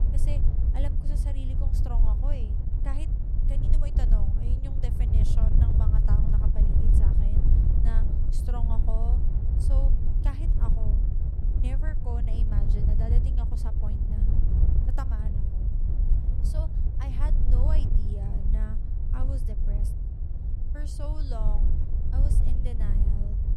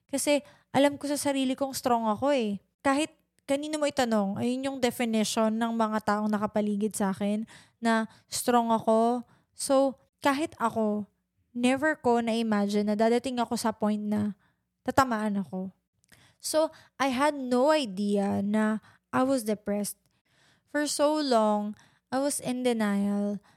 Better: second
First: wind noise on the microphone; heavy; 1 dB above the speech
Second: none

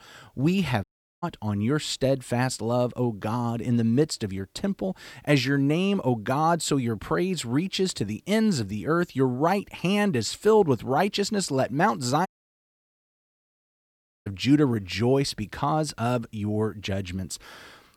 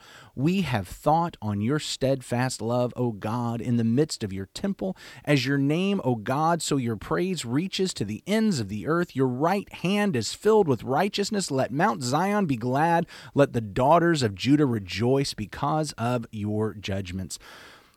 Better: second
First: audio cutting out; at 1 s and at 12 s for 2 s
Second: none

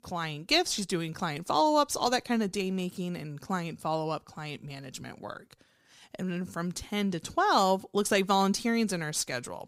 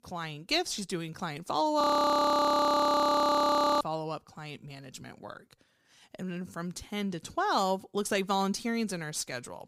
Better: first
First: none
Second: audio freezing; at 2 s for 2 s

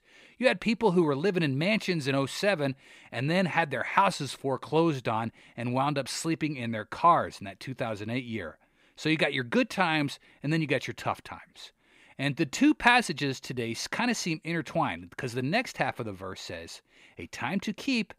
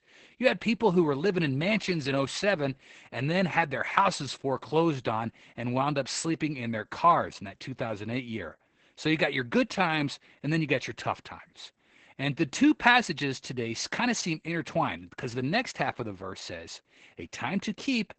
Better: first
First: none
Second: garbled, watery; badly; nothing above 8 kHz

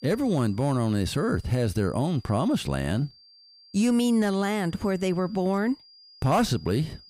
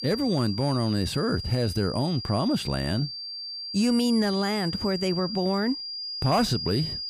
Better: first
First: high-pitched whine; faint; throughout; 5 kHz, 25 dB below the speech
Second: high-pitched whine; loud; throughout; 5 kHz, 6 dB below the speech

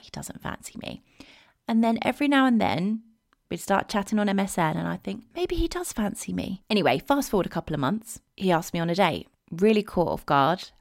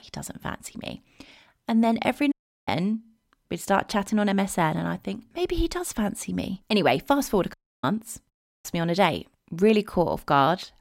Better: first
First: none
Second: audio cutting out; at 2.5 s, at 7.5 s and at 8.5 s

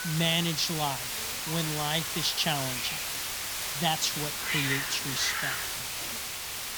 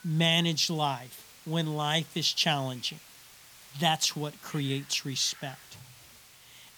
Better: second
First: hiss; loud; throughout; 1 dB below the speech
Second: hiss; faint; throughout; 20 dB below the speech

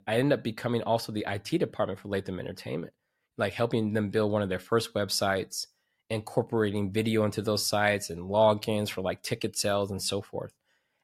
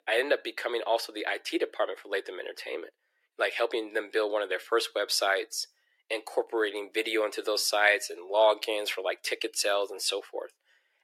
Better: first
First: none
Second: thin; very; fading below 350 Hz

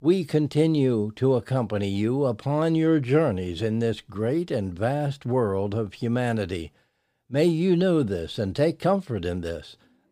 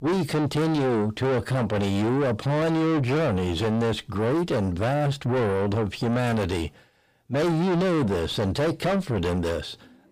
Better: first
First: none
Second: distortion; heavy; 6 dB below the speech

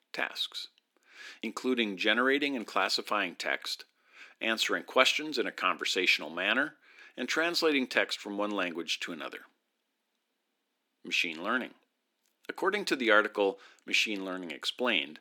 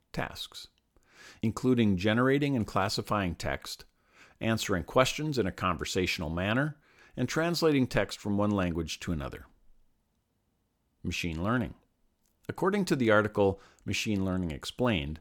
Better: second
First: thin; somewhat; fading below 250 Hz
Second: none

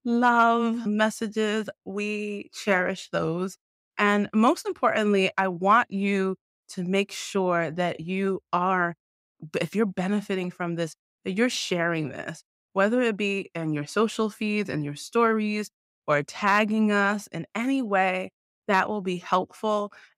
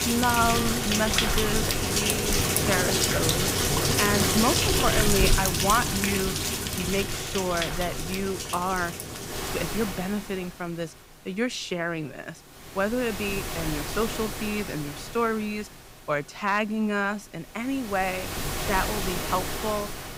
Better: first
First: none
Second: rain or running water; very loud; throughout; 3 dB above the speech

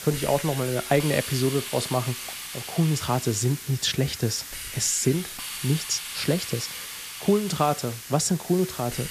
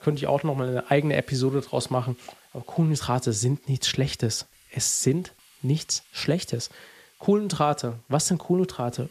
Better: second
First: hiss; loud; throughout; 8 dB below the speech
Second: hiss; faint; throughout; 30 dB below the speech

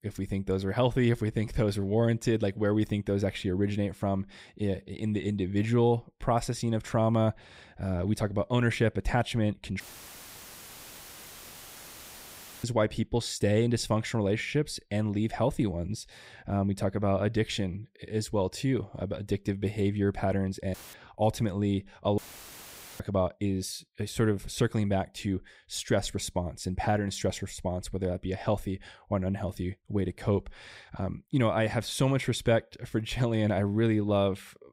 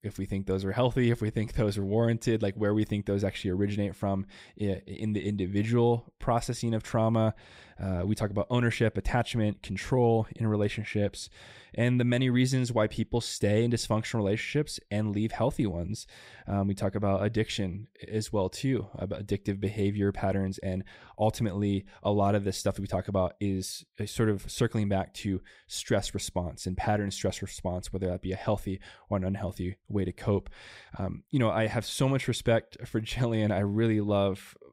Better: second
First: audio cutting out; filled with static; at 10 s for 3 s, at 21 s and at 22 s for 1 s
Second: none

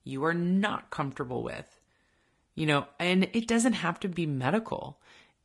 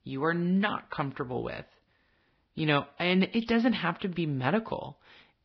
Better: first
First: garbled, watery; slightly; nothing above 10.5 kHz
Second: garbled, watery; badly

